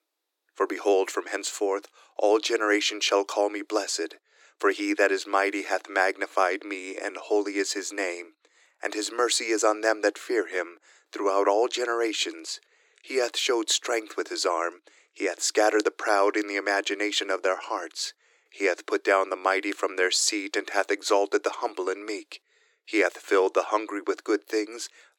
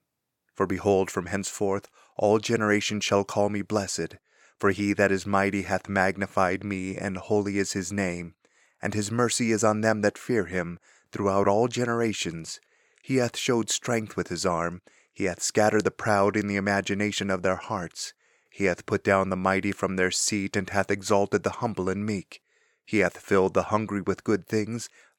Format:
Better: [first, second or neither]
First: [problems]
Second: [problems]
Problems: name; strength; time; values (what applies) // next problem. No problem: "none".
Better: second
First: thin; somewhat; fading below 300 Hz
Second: none